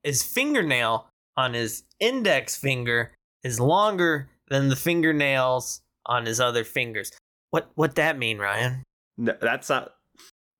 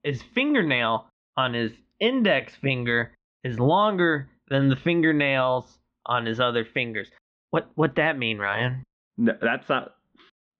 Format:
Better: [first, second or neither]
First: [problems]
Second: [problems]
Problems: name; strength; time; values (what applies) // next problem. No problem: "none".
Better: first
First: none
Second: muffled; very slightly; fading above 3.5 kHz